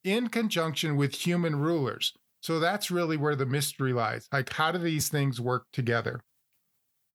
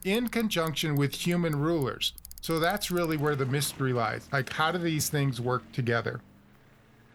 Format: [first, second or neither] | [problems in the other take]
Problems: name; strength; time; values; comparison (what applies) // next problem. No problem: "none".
first | traffic noise; noticeable; throughout; 20 dB below the speech